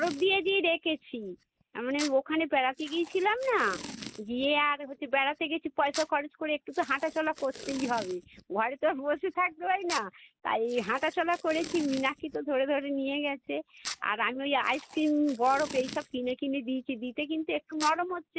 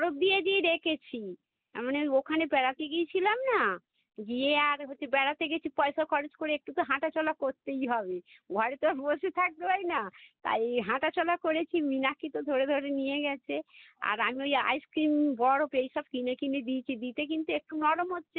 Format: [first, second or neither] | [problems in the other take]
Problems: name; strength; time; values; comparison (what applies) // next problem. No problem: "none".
second | background sound (Packing tape, duct tape); 16 dB below the speech